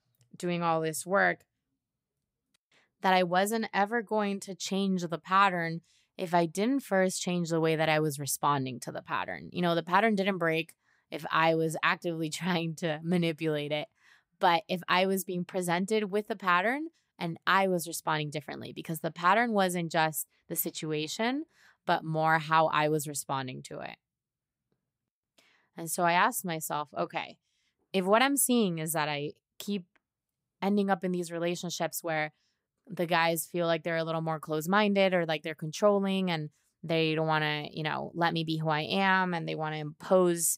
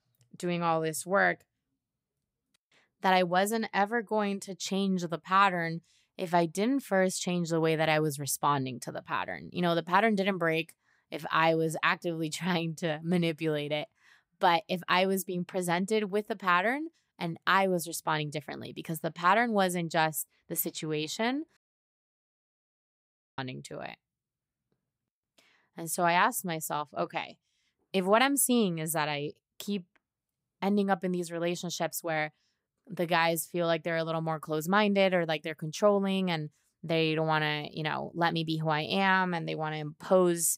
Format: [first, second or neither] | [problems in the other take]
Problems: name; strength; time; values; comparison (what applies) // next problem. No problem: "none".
first | audio cutting out; at 22 s for 2 s